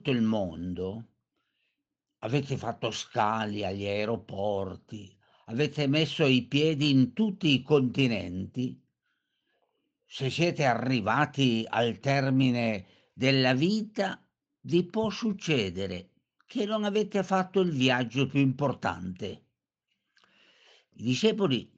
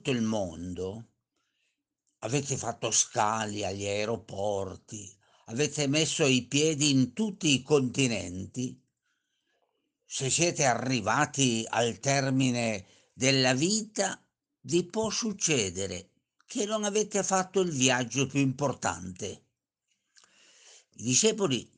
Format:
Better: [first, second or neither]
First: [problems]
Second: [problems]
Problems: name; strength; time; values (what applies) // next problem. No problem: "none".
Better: second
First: muffled; slightly; fading above 4 kHz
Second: none